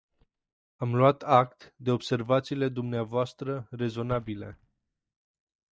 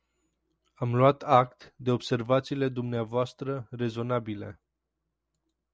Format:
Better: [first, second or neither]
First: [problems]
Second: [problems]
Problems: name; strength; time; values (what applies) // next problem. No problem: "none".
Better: second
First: noise reduction (neural mask model DeepFilterNet 3)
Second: none